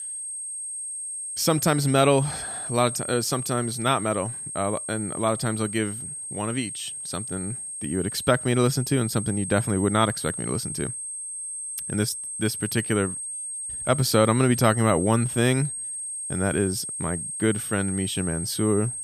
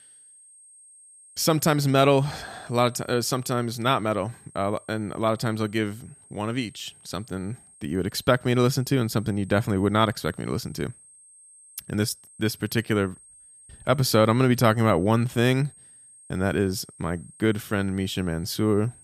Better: second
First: high-pitched whine; loud; throughout; 8.5 kHz, 6 dB below the speech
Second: high-pitched whine; faint; throughout; 8.5 kHz, 25 dB below the speech

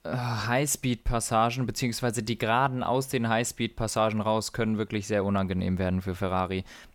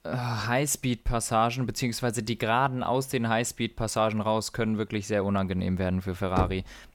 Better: first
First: none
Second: door banging; noticeable; at 6.5 s; peak 4 dB below the speech

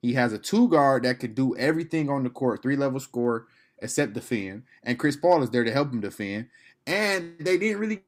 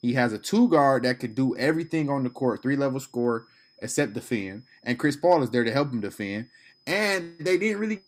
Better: first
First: none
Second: high-pitched whine; faint; throughout; 5 kHz, 35 dB below the speech

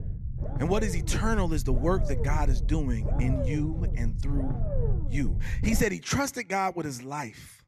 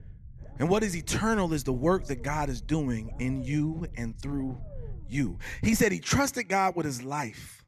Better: second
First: low rumble; loud; until 6 s; 9 dB below the speech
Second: low rumble; faint; until 6 s; 25 dB below the speech

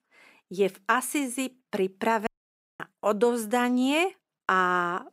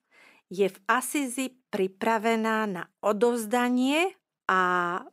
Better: second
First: audio cutting out; at 2.5 s for 0.5 s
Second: none

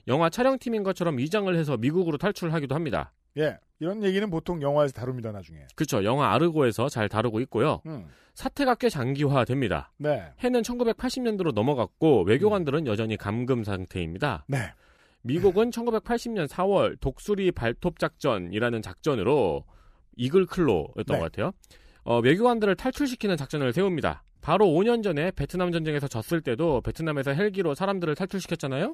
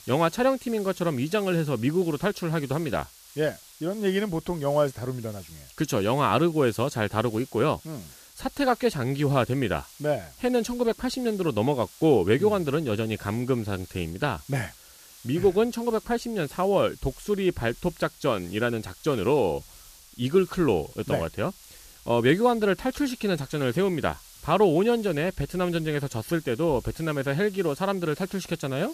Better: first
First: none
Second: hiss; faint; throughout; 20 dB below the speech

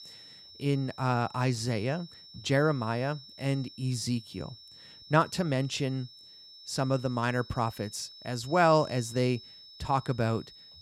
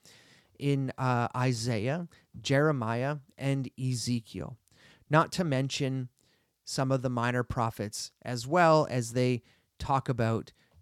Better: second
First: high-pitched whine; noticeable; throughout; 5.5 kHz, 20 dB below the speech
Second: none

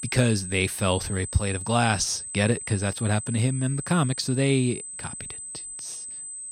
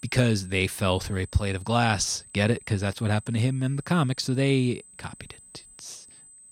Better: second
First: high-pitched whine; loud; throughout; 8 kHz, 9 dB below the speech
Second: high-pitched whine; faint; throughout; 8 kHz, 20 dB below the speech

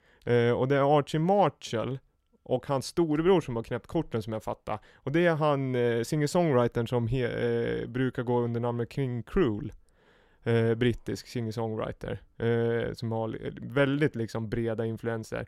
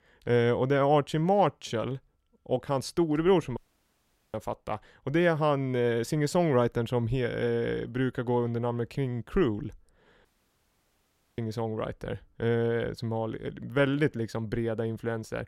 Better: first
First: none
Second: audio cutting out; at 3.5 s for 1 s and at 10 s for 1 s

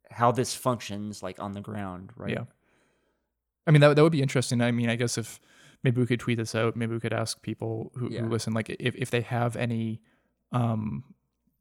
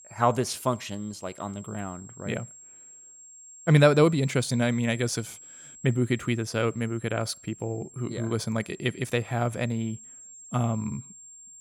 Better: first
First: none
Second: high-pitched whine; noticeable; throughout; 7.5 kHz, 20 dB below the speech

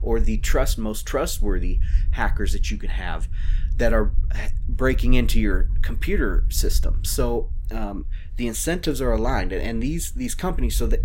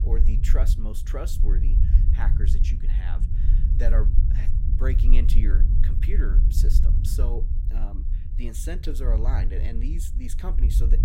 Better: first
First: low rumble; faint; throughout; 20 dB below the speech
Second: low rumble; loud; throughout; 5 dB below the speech

